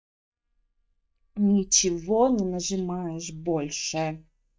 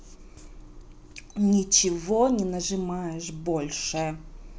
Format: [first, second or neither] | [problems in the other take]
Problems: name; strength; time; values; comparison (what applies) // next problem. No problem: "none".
second | noise reduction (neural mask model DeepFilterNet 3)